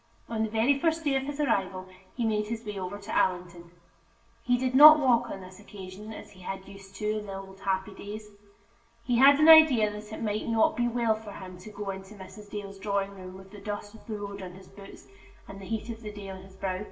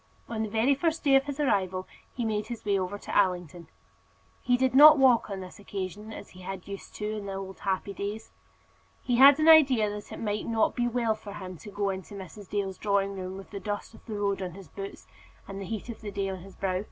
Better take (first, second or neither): second